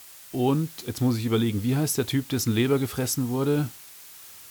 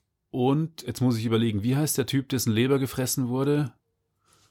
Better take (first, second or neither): second